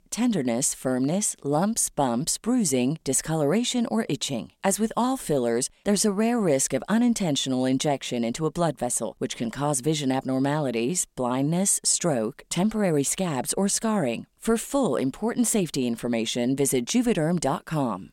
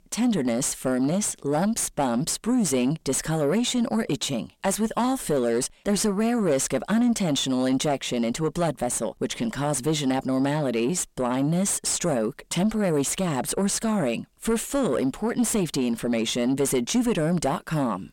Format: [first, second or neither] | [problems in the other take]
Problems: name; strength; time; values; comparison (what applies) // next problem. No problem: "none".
first | distortion; slight; 10 dB below the speech